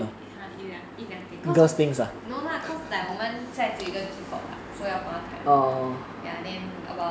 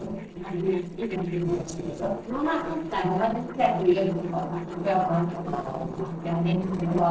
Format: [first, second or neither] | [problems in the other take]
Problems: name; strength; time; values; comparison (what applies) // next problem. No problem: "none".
first | noise reduction (neural separator model SepFormer DNS4)